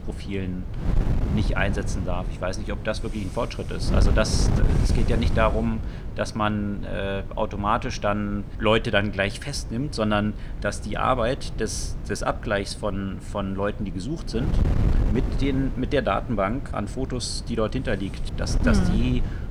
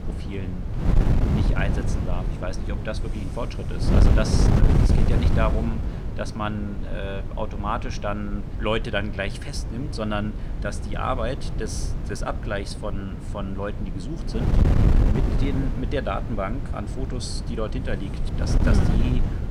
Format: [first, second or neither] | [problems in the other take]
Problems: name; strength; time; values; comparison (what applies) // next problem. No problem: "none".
first | wind noise on the microphone; heavy; 4 dB below the speech; occasional gusts in the first